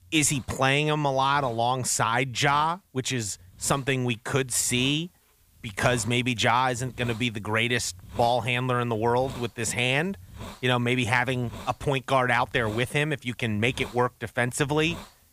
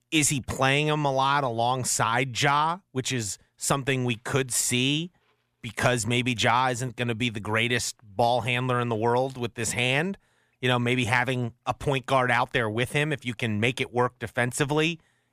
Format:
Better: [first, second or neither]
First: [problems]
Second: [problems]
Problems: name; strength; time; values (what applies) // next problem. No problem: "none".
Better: second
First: hiss; faint; throughout; 20 dB below the speech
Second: none